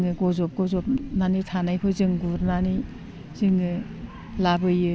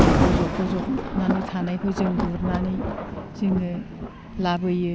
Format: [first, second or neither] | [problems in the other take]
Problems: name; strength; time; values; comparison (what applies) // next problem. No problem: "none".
first | background sound (Thunder); as loud as the speech